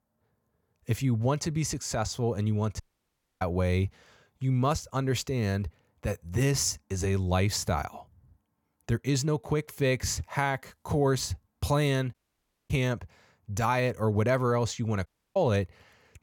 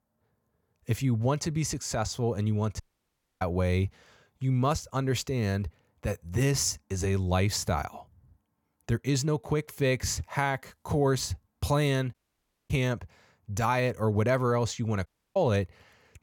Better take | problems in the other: neither | audio cutting out; at 3 s for 0.5 s, at 12 s for 0.5 s and at 15 s; the same in both

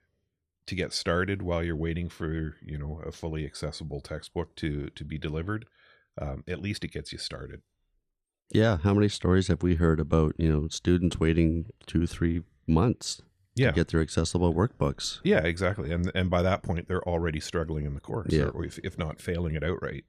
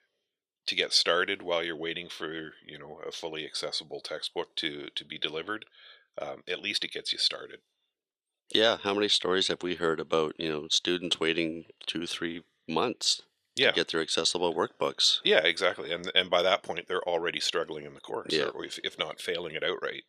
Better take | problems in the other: first | thin; very; fading below 500 Hz

